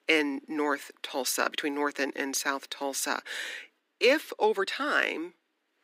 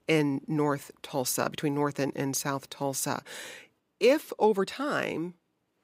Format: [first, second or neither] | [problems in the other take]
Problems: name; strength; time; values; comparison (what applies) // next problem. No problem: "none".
second | thin; very slightly; fading below 250 Hz